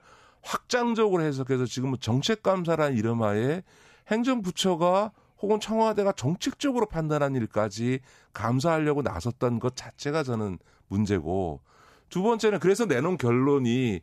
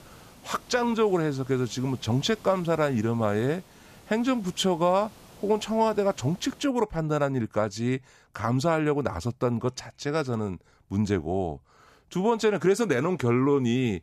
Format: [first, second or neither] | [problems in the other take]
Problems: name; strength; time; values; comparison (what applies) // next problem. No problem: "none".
first | hiss; faint; until 6.5 s; 25 dB below the speech